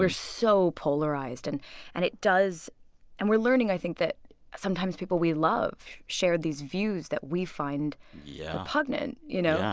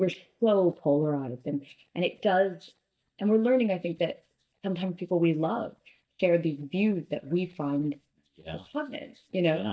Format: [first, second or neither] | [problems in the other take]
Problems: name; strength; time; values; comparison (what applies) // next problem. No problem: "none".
first | noise reduction (neural mask model DeepFilterNet 3)